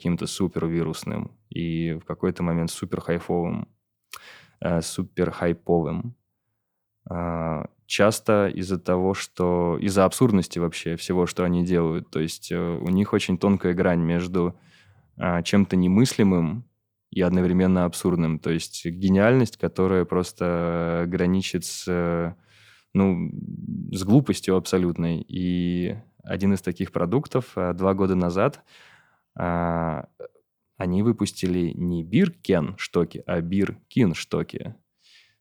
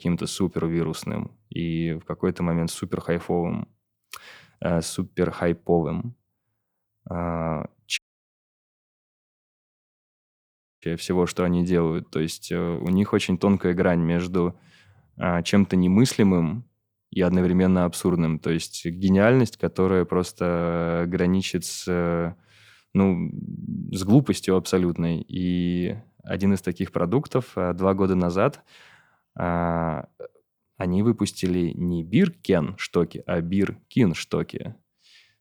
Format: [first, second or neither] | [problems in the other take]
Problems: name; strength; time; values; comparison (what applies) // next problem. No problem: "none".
first | audio cutting out; at 8 s for 3 s